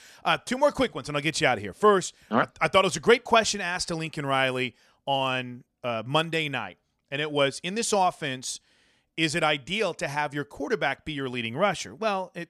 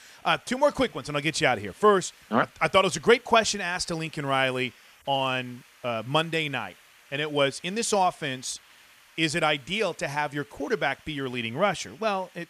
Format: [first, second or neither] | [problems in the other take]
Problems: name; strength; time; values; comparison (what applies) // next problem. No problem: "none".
first | hiss; faint; throughout; 25 dB below the speech